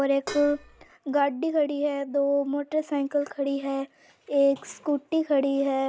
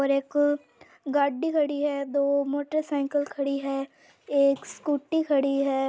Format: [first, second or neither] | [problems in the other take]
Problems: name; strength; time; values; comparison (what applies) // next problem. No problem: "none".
second | background sound (Dishes, pots, and pans); 13 dB below the speech